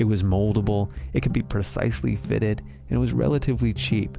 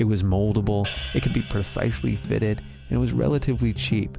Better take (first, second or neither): first